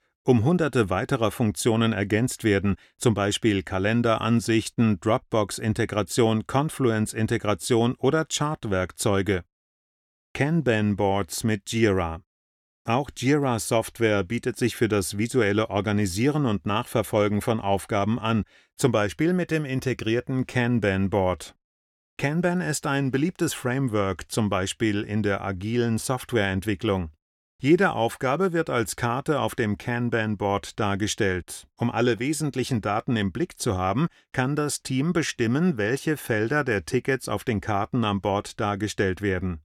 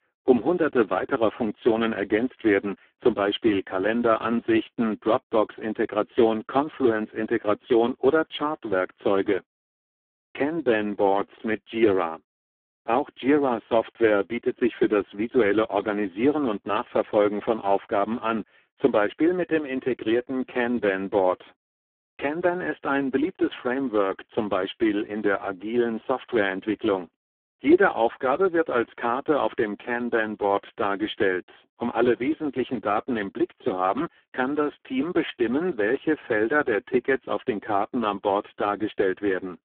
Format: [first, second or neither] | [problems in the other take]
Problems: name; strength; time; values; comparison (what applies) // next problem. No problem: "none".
first | phone-call audio; poor line